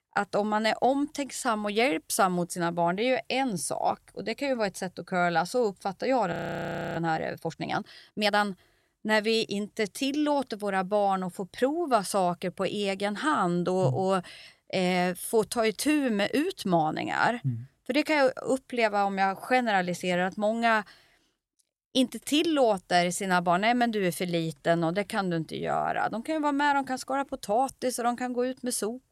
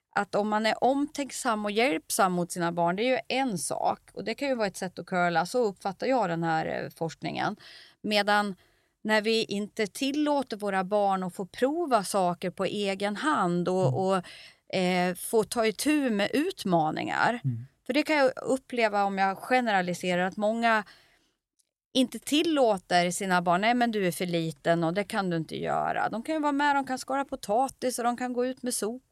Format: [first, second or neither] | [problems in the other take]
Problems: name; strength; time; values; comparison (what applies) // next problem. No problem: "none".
second | audio freezing; at 6.5 s for 0.5 s